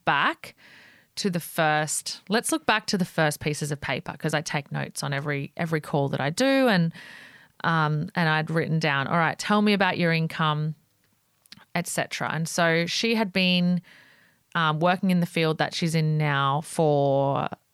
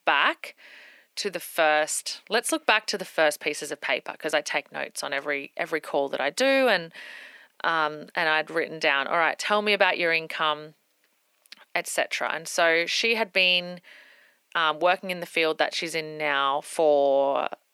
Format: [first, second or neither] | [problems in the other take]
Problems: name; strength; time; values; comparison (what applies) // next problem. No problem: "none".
first | thin; very; fading below 300 Hz